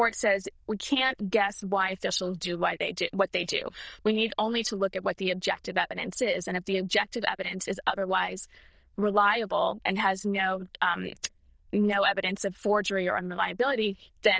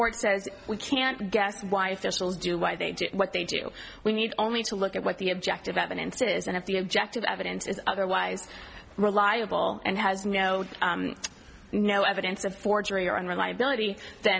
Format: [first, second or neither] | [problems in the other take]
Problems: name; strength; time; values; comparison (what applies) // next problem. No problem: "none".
second | noise reduction (neural diffusion model UNIVERSE++)